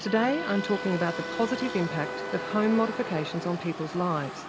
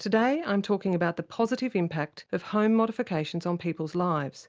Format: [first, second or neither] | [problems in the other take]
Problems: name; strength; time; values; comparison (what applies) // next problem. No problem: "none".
second | background sound (Motor vehicle (road) + Wind instrument, woodwind instrument); 7 dB below the speech